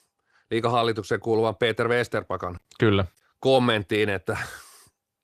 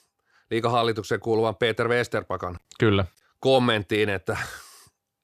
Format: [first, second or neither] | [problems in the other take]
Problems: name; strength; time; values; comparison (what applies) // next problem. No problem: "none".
second | garbled, watery; slightly; nothing above 14.5 kHz